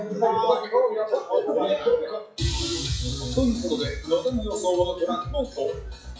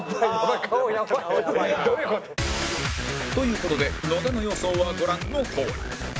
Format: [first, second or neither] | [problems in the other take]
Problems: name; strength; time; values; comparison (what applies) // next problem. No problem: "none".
second | noise reduction (classical method WPE with log-MMSE)